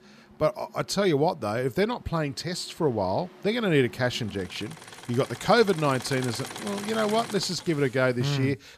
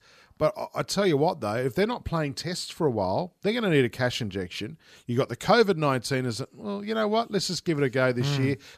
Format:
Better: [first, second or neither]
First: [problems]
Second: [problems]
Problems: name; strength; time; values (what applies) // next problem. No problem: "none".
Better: second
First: machinery noise; noticeable; throughout; 15 dB below the speech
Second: none